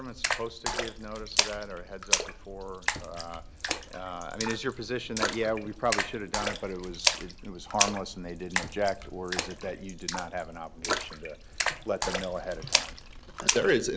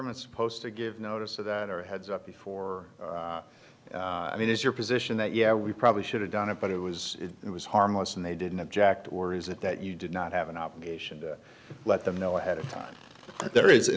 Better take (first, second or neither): second